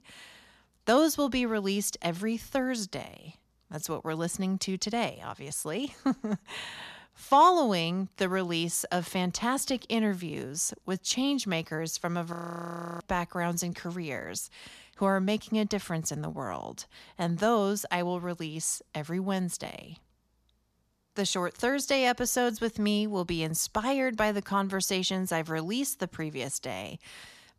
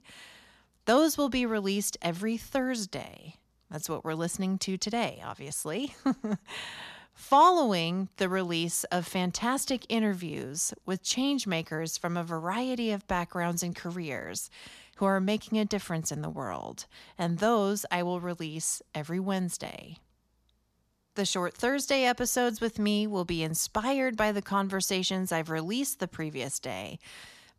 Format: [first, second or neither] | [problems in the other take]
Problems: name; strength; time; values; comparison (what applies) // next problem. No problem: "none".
second | audio freezing; at 12 s for 0.5 s